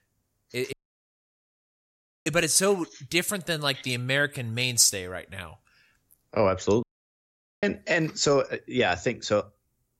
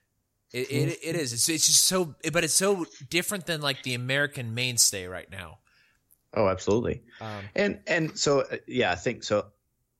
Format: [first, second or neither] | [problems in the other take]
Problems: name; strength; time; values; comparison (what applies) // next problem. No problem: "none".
second | audio cutting out; at 0.5 s for 1.5 s and at 7 s for 1 s